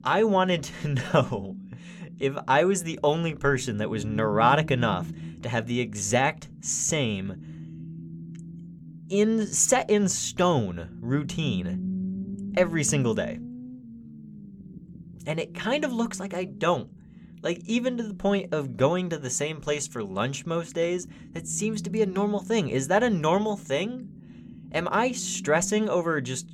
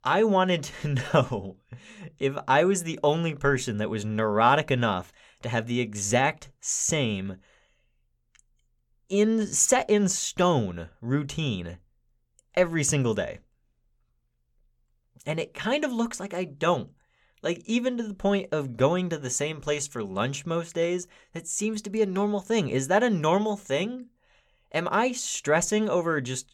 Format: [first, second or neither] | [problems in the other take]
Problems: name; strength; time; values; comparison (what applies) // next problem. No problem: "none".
second | low rumble; faint; throughout; 20 dB below the speech